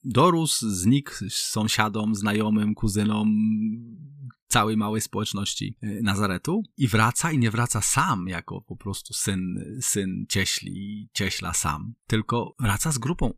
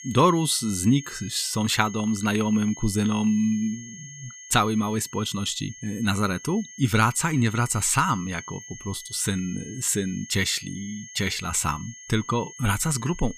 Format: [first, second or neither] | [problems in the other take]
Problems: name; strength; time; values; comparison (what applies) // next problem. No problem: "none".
first | high-pitched whine; noticeable; throughout; 6.5 kHz, 15 dB below the speech